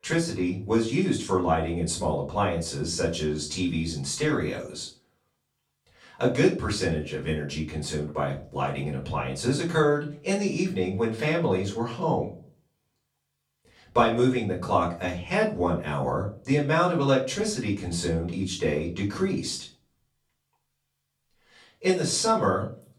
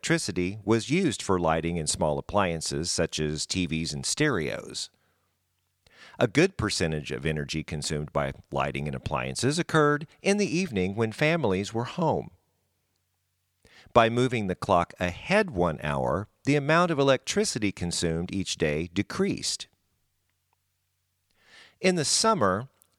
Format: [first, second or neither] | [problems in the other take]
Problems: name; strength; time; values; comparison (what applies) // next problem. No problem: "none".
second | off-mic speech; far // room echo; slight; dies away in 0.3 s